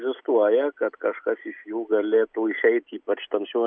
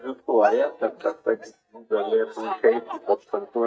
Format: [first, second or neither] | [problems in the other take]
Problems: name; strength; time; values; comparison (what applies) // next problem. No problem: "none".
first | noise reduction (neural mask model DeepFilterNet 3)